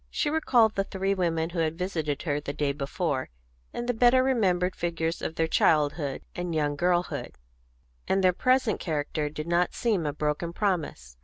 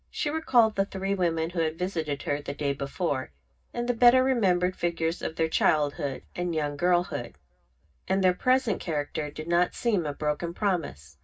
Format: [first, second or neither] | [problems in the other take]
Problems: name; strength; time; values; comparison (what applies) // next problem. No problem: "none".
first | room echo; dies away in 0.4 s